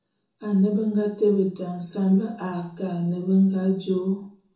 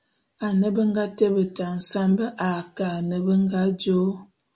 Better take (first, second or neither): second